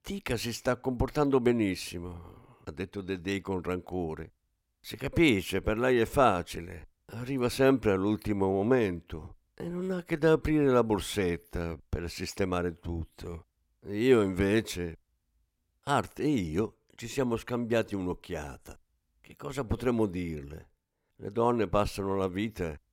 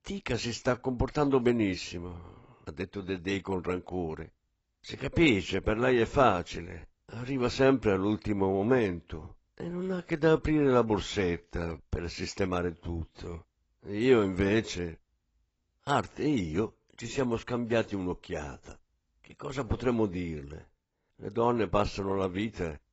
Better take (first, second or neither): first